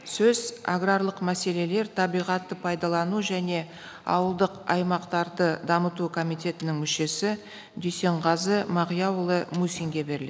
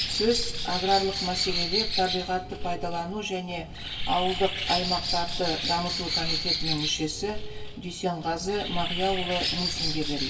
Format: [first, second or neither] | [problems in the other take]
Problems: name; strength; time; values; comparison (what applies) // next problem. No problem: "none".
first | background sound (Bird); 1 dB below the speech // room echo; dies away in 0.1 s